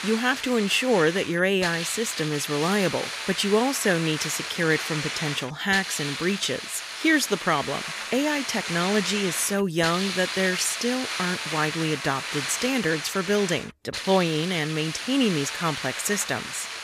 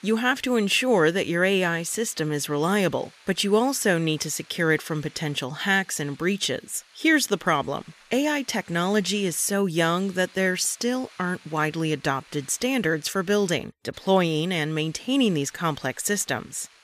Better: second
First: hiss; loud; throughout; 6 dB below the speech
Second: hiss; faint; throughout; 25 dB below the speech

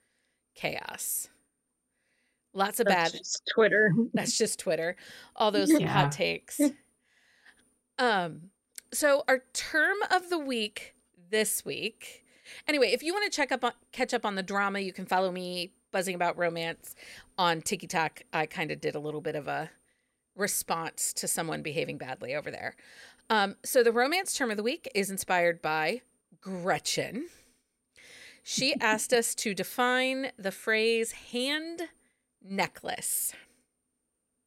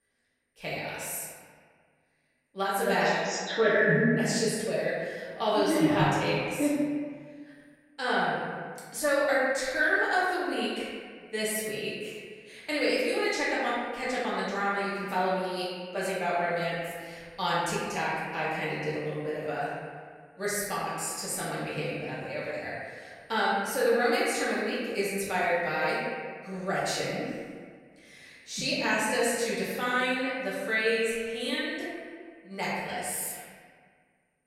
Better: first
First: none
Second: room echo; strong; dies away in 1.6 s // off-mic speech; far

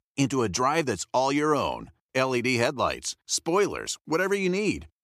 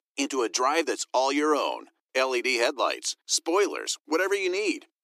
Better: first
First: none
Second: thin; very slightly; fading below 300 Hz

